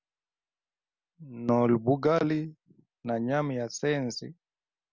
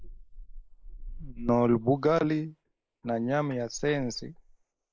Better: first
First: none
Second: noise reduction (neural mask model Resemble Enhance denoiser)

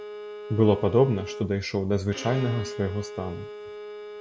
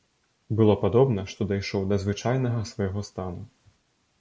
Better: second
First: background sound (Bowed string instrument); 12 dB below the speech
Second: none

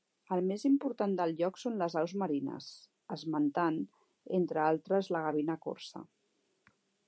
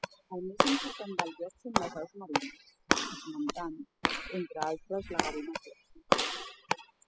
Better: first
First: none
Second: noise reduction (classical method spectral subtraction)

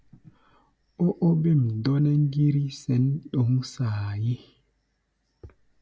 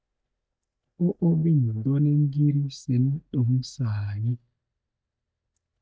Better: first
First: none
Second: noise reduction (neural mask model DeepFilterNet 3)

